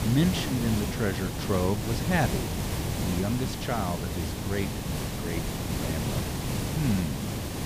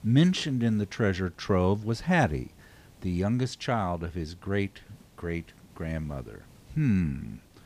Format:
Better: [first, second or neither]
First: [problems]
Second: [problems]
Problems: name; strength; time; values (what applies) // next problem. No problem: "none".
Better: second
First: hiss; loud; throughout; 1 dB below the speech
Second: hiss; faint; throughout; 25 dB below the speech